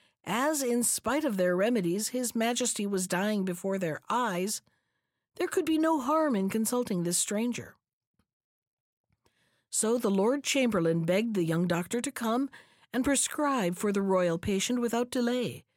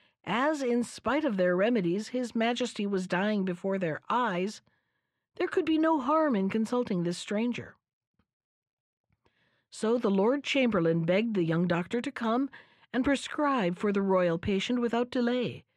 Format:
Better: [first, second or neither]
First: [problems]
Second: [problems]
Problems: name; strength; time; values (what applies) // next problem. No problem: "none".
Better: first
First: none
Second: muffled; slightly; fading above 3 kHz